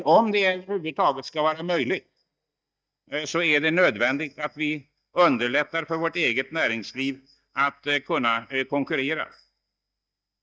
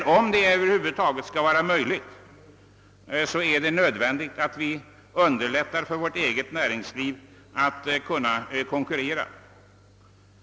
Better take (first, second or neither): second